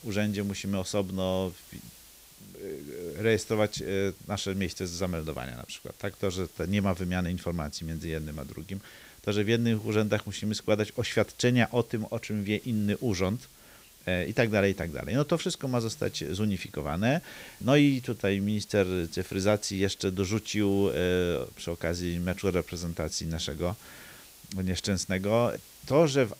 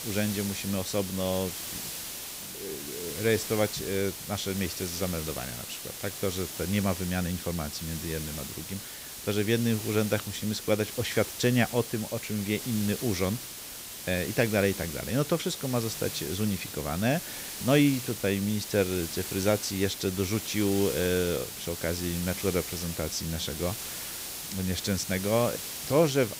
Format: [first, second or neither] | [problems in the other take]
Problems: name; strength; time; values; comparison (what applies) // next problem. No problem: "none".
first | hiss; loud; throughout; 6 dB below the speech; faint in the first